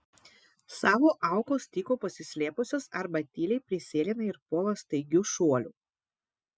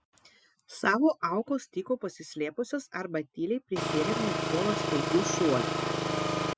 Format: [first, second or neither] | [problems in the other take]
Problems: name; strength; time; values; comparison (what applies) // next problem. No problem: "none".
first | background sound (Engine); 1 dB above the speech